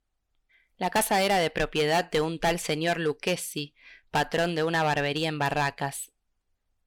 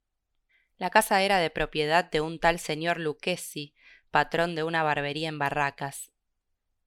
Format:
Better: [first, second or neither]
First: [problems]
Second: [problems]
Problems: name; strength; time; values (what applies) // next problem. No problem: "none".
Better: second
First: distortion; heavy; 6% of the sound clipped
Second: none